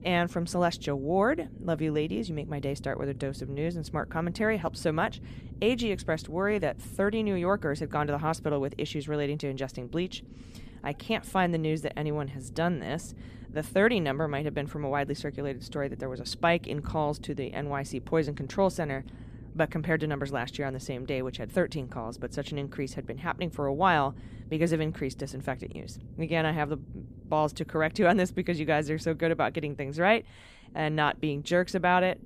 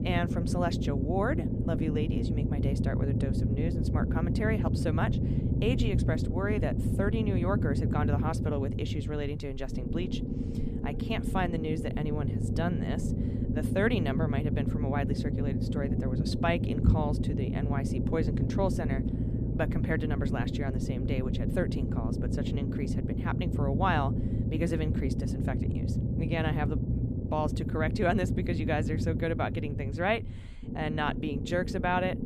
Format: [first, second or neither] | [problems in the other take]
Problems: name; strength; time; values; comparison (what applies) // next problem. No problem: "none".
first | low rumble; loud; throughout; 5 dB below the speech; faint in the first